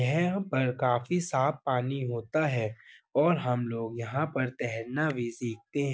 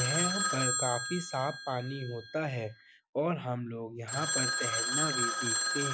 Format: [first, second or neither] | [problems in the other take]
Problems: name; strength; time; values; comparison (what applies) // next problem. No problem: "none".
first | background sound (Telephone); 2 dB above the speech